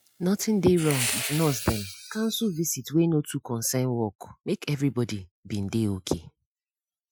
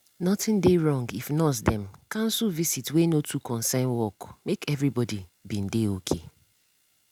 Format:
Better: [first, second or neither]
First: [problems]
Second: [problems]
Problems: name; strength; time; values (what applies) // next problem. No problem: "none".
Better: second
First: noise reduction (classical method Wiener filter)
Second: none